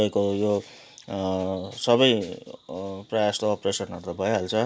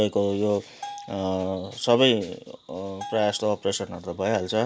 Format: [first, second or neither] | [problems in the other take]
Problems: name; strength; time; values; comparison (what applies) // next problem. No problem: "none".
first | background sound (Bell); 18 dB below the speech